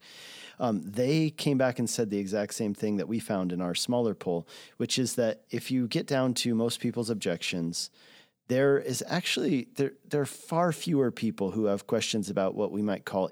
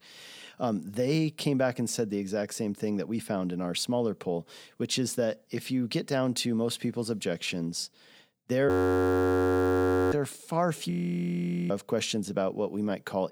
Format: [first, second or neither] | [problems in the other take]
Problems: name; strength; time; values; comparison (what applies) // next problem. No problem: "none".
first | audio freezing; at 8.5 s for 1.5 s and at 11 s for 1 s